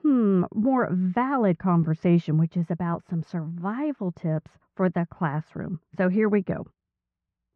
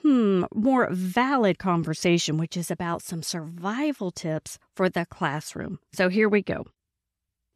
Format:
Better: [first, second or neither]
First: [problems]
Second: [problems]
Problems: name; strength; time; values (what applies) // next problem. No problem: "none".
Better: second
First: muffled; very; fading above 1.5 kHz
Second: none